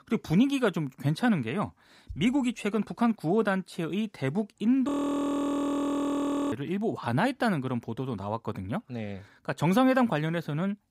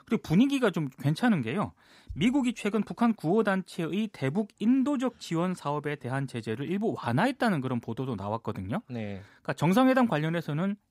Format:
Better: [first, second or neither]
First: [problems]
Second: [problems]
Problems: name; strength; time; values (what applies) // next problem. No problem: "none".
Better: second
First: audio freezing; at 5 s for 1.5 s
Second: none